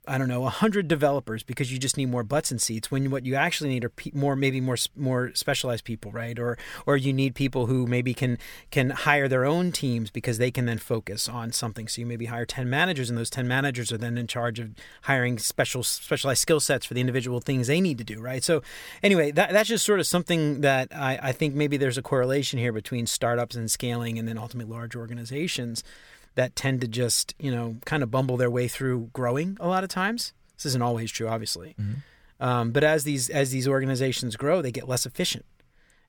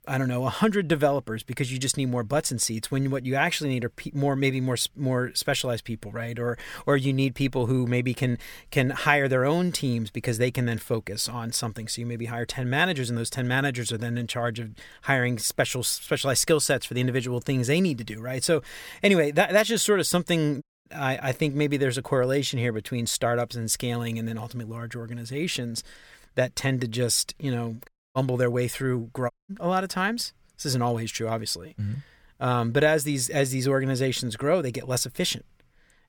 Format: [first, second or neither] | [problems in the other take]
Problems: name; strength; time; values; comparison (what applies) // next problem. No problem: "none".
first | audio cutting out; at 21 s, at 28 s and at 29 s